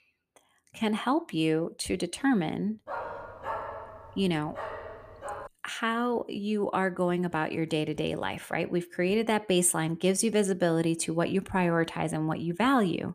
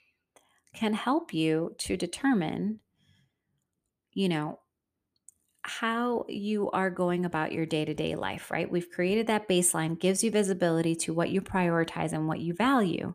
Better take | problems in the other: second | dog barking; noticeable; from 3 to 5.5 s; peak 7 dB below the speech

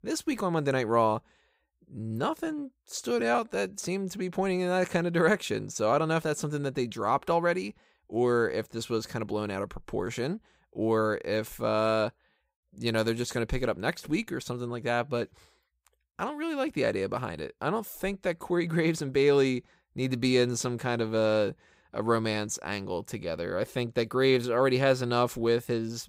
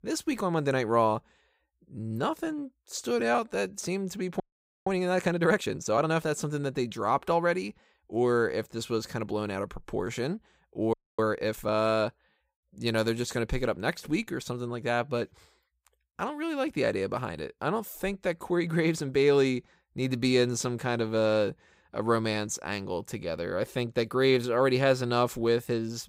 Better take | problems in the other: first | audio freezing; at 4.5 s and at 11 s

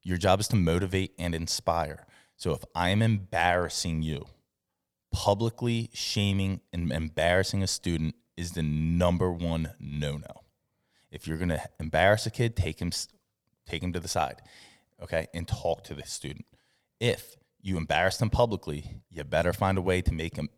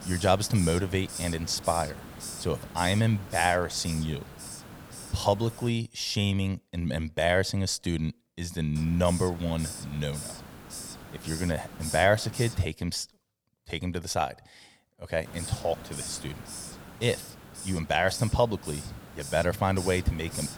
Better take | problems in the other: first | hiss; noticeable; until 5.5 s, from 9 to 13 s and from 15 s on; 10 dB below the speech

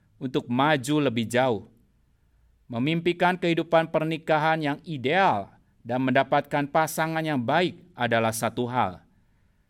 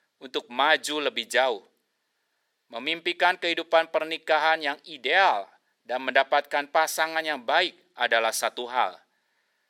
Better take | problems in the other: first | thin; very; fading below 450 Hz

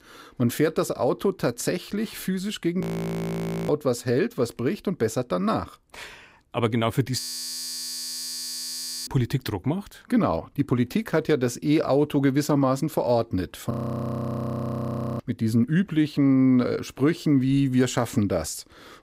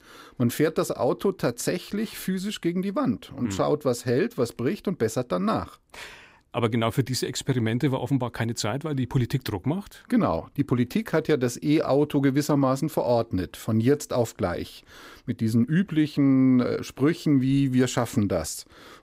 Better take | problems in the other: second | audio freezing; at 3 s for 1 s, at 7 s for 2 s and at 14 s for 1.5 s

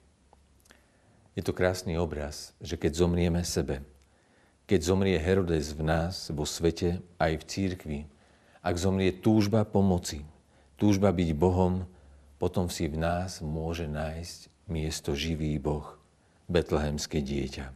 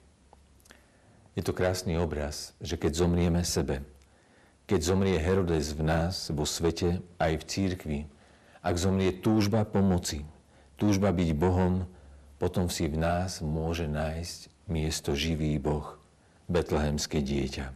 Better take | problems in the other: first | distortion; slight; 10 dB below the speech

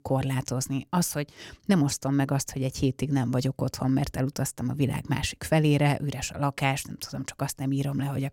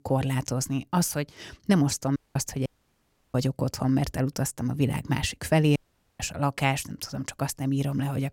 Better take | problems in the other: first | audio cutting out; at 2 s, at 2.5 s for 0.5 s and at 6 s

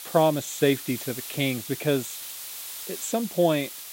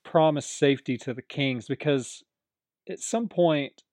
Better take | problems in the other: second | hiss; loud; throughout; 9 dB below the speech

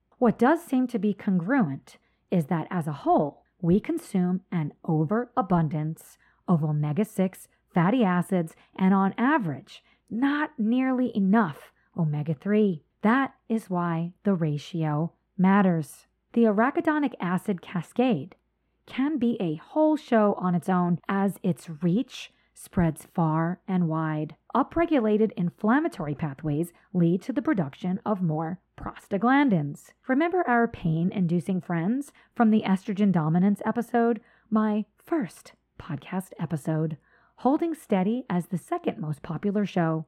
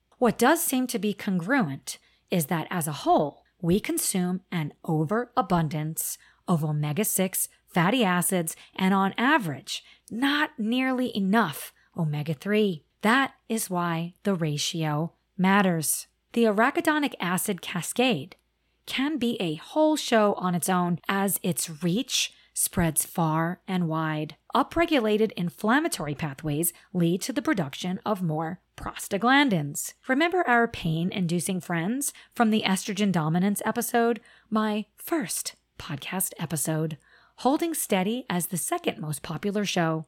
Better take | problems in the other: second | muffled; very; fading above 2.5 kHz

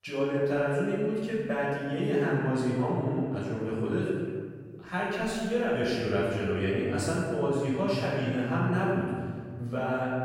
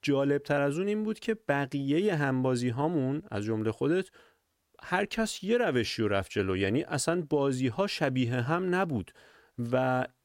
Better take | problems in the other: second | off-mic speech; far // room echo; strong; dies away in 1.8 s

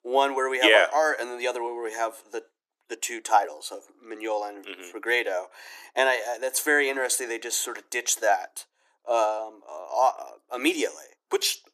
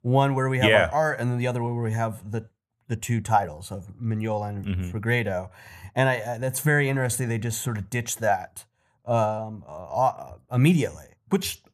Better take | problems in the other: second | thin; very; fading below 300 Hz

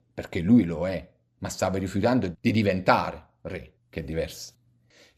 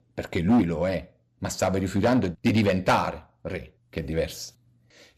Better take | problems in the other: first | distortion; slight; 4% of the sound clipped

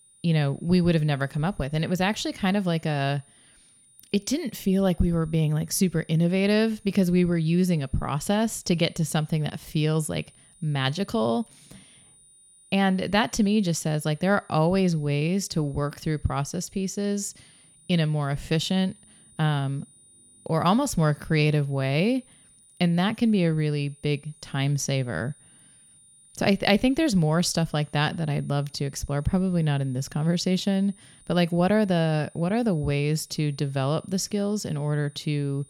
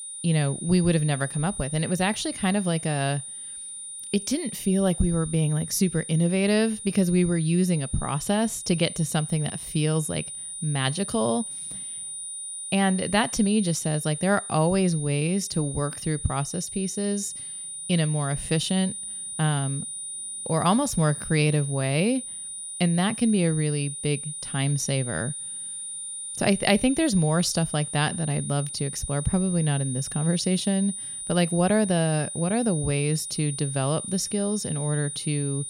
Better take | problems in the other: first | high-pitched whine; loud; throughout; 9.5 kHz, 8 dB below the speech; faint in the first

